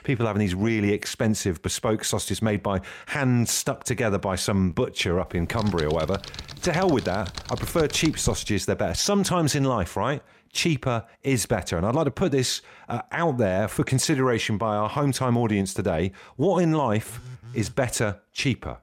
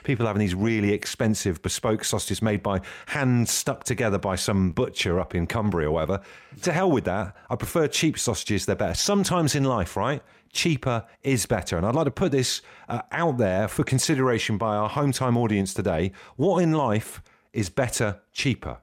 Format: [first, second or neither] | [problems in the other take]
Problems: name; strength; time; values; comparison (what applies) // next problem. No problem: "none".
second | keyboard typing; noticeable; from 5.5 to 8.5 s; peak 9 dB below the speech // phone ringing; faint; at 17 s; peak 15 dB below the speech